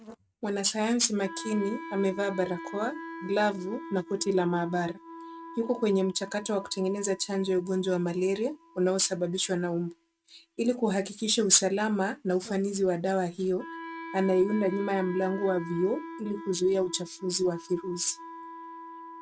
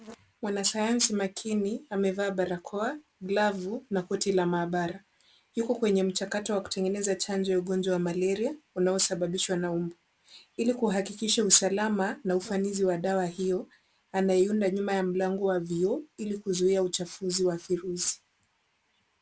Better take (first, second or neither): second